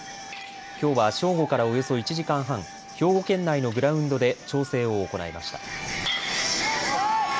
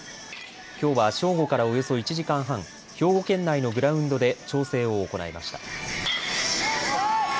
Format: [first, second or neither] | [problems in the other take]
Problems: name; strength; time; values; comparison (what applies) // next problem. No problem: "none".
second | background sound (Wind instrument, woodwind instrument); 19 dB below the speech